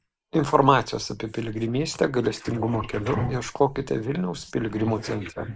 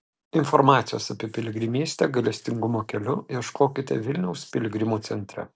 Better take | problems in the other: second | noise reduction (neural mask model Resemble Enhance denoiser)

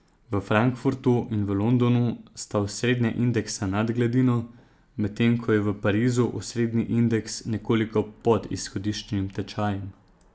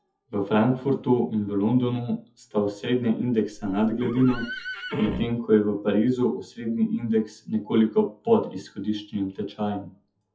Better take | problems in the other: first | noise reduction (classical method WPE with log-MMSE)

